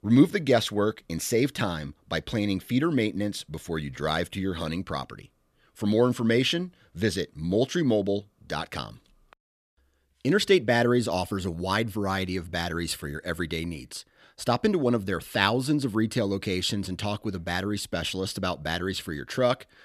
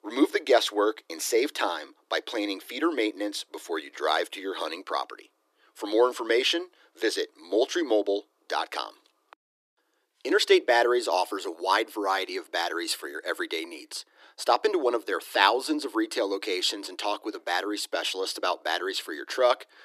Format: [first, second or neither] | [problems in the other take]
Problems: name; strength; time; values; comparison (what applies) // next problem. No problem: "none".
first | thin; very; fading below 300 Hz